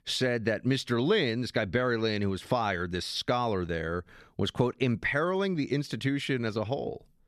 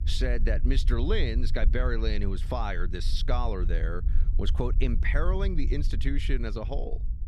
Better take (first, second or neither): first